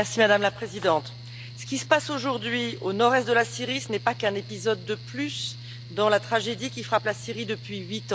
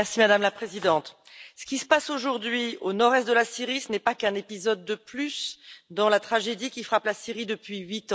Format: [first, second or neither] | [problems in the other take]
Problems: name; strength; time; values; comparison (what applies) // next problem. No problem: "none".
second | background sound (Mechanical fan); 14 dB below the speech